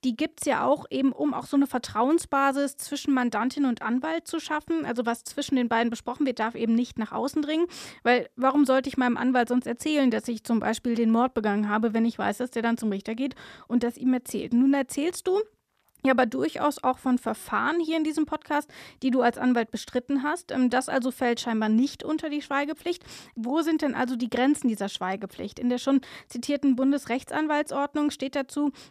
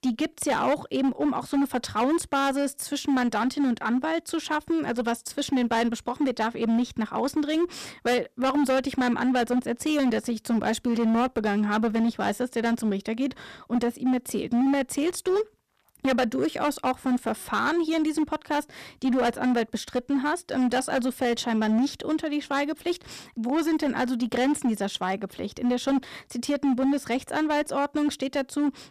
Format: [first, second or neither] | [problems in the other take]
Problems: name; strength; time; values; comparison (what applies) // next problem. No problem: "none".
first | distortion; slight; 13% of the sound clipped